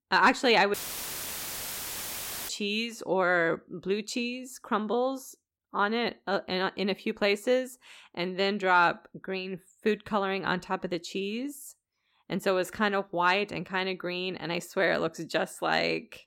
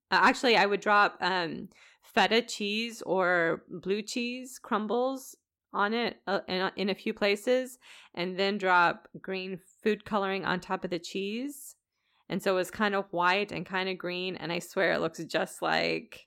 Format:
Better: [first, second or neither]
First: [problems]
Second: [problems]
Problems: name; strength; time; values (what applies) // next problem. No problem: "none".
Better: second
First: audio cutting out; filled with static; at 0.5 s for 2 s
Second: none